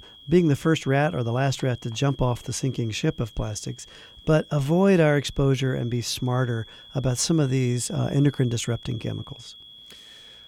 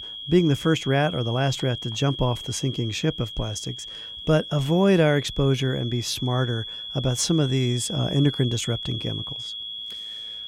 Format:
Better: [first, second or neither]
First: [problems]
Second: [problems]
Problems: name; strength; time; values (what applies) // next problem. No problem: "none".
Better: first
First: high-pitched whine; faint; throughout; 3.5 kHz, 20 dB below the speech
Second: high-pitched whine; loud; throughout; 3.5 kHz, 9 dB below the speech